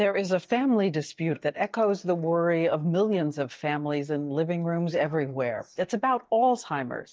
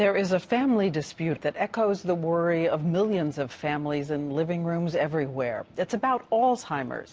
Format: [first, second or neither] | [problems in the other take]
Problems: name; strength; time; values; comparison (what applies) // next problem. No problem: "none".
second | noise reduction (neural mask model DeepFilterNet 3)